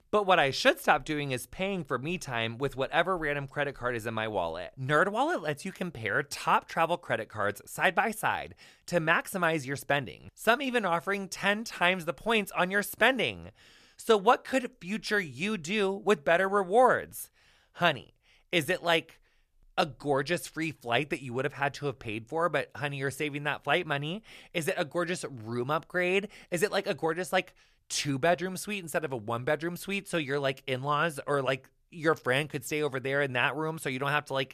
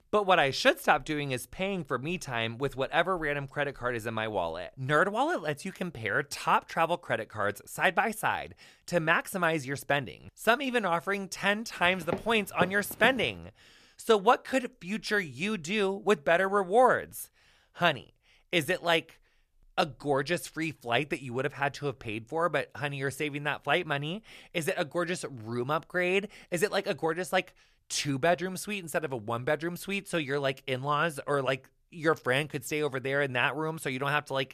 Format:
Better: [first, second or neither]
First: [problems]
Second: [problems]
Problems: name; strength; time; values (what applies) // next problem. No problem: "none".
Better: first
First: none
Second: footsteps; noticeable; from 12 to 13 s; peak 8 dB below the speech